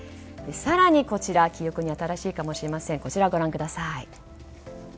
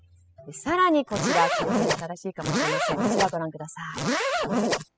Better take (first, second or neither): first